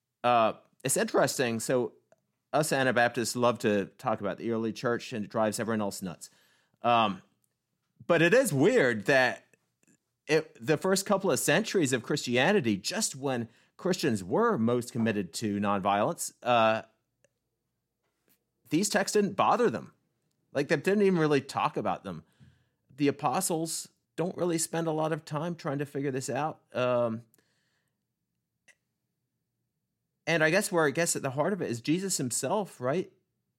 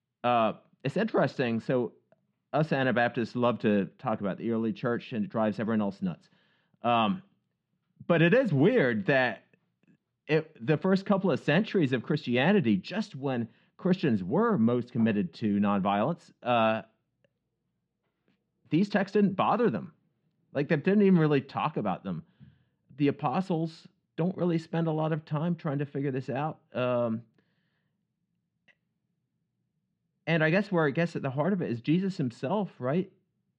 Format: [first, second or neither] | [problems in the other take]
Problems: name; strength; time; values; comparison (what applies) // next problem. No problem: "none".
first | muffled; slightly; fading above 3.5 kHz